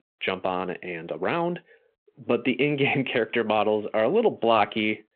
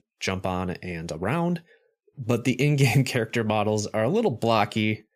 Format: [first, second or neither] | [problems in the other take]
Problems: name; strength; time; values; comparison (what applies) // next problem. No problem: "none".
second | phone-call audio